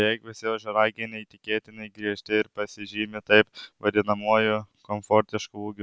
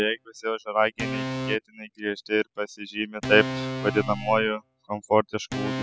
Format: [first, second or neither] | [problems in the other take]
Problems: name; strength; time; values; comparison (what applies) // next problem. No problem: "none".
first | noise reduction (classical method spectral subtraction)